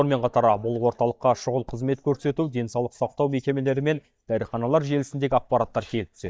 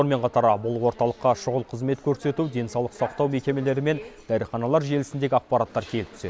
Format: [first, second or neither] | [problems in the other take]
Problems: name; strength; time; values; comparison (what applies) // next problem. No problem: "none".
second | noise reduction (neural mask model DeepFilterNet 3)